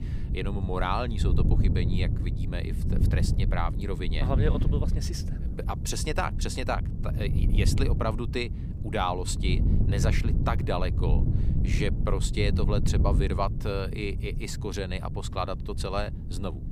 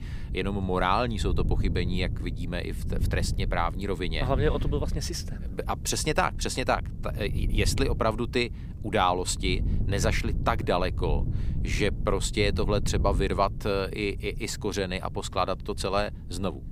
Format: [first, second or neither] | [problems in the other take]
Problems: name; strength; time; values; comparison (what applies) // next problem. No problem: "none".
second | wind noise on the microphone; heavy; 8 dB below the speech; occasional gusts in the second